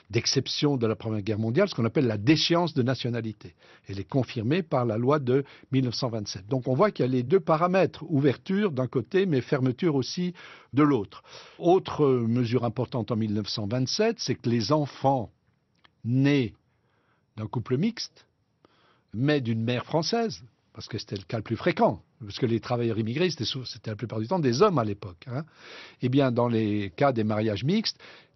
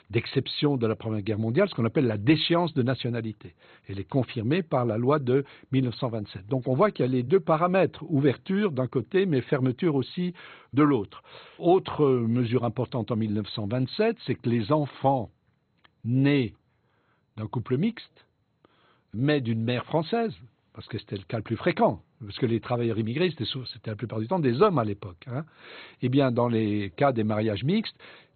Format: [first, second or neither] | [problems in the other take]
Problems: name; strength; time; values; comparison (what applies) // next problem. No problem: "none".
first | garbled, watery; badly; nothing above 4 kHz; slightly in the first